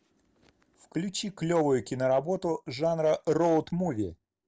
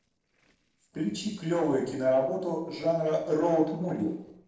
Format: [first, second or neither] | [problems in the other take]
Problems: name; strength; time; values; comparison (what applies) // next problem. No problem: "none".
first | noise reduction (neural separator model SepFormer DNS4)